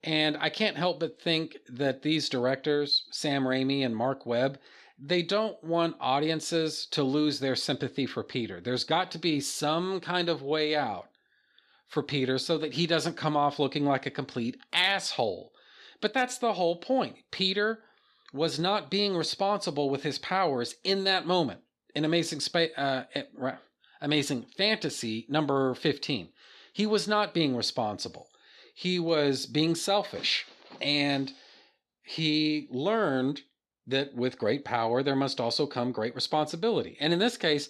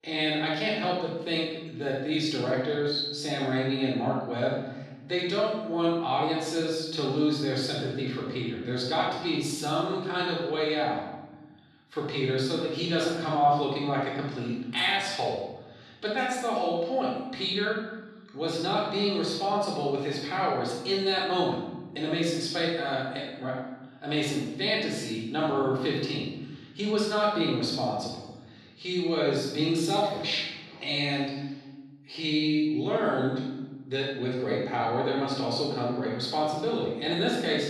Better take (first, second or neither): first